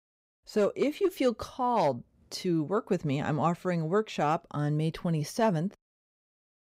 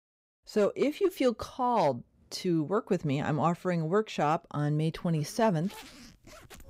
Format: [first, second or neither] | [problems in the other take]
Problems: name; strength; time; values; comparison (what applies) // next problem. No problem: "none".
first | household noises; faint; from 5.5 s on; 20 dB below the speech